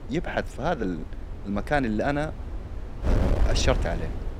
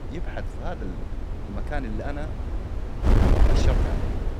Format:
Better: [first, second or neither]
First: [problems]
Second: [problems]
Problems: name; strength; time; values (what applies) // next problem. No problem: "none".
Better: first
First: wind noise on the microphone; occasional gusts; 10 dB below the speech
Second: wind noise on the microphone; heavy; 2 dB above the speech